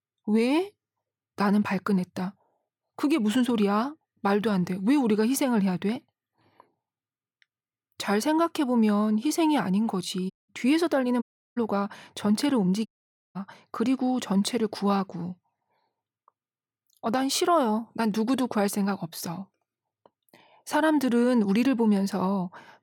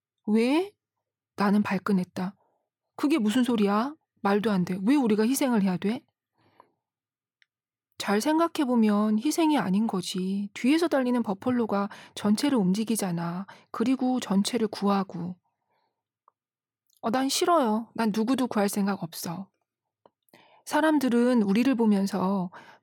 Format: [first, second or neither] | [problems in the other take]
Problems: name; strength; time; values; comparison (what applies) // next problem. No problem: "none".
second | audio cutting out; at 10 s, at 11 s and at 13 s